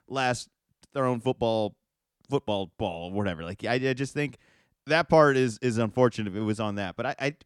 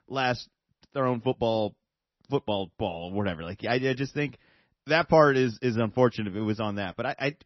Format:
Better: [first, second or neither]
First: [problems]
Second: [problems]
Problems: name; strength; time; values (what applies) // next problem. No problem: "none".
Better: first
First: none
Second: garbled, watery; slightly; nothing above 6 kHz